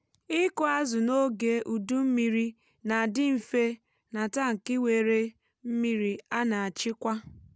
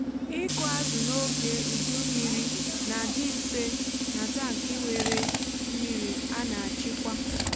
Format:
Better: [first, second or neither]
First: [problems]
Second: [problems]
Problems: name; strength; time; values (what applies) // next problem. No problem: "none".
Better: first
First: none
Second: background sound (Tools); 5 dB above the speech